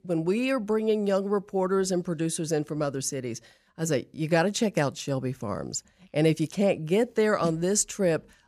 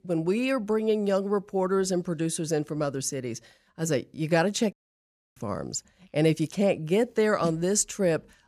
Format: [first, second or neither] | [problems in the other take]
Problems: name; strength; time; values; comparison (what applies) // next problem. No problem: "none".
first | audio cutting out; at 4.5 s for 0.5 s